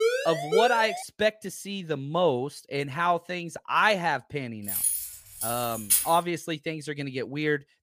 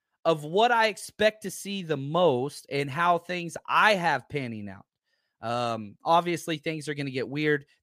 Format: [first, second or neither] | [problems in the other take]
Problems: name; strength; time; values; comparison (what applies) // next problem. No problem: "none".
second | siren; loud; until 1 s; peak 1 dB above the speech // jangling keys; loud; from 4.5 to 6 s; peak 5 dB above the speech